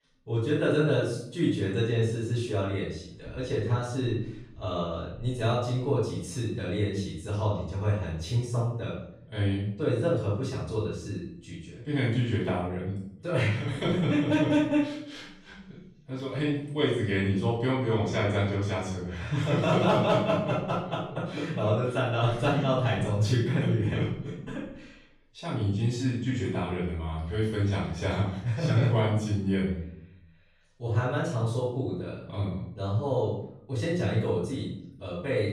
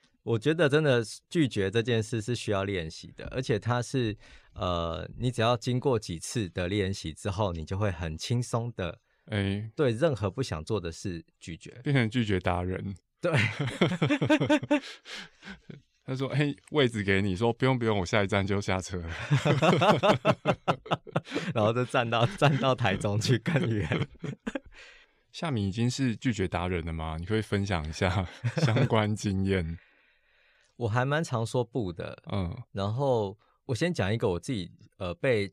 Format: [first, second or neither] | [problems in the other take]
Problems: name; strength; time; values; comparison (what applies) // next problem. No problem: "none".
second | off-mic speech; far // room echo; noticeable; dies away in 0.6 s